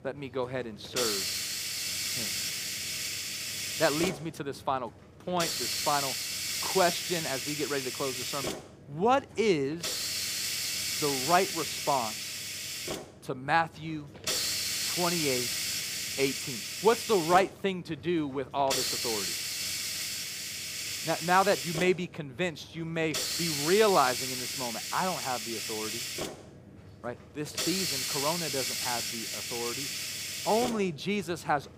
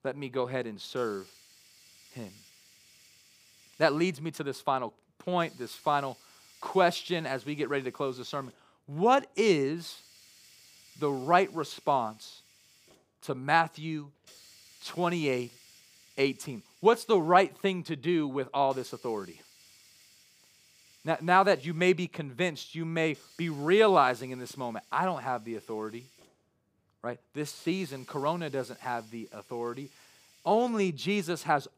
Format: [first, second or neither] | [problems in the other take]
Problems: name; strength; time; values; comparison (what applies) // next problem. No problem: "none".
second | hiss; loud; throughout; 1 dB below the speech; faint in the second